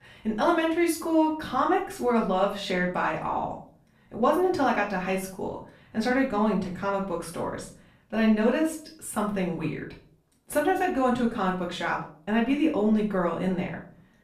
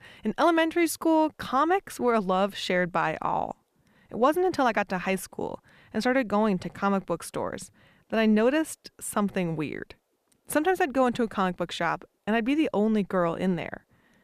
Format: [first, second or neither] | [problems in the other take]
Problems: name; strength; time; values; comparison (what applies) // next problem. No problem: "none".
second | off-mic speech; far // room echo; slight; dies away in 0.4 s